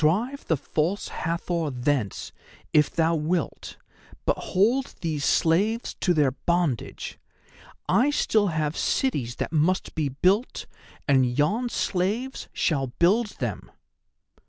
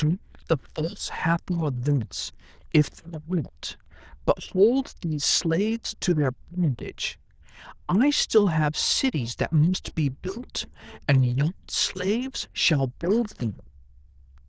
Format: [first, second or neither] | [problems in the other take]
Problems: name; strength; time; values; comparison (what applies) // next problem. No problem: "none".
first | noise reduction (neural diffusion model UNIVERSE++)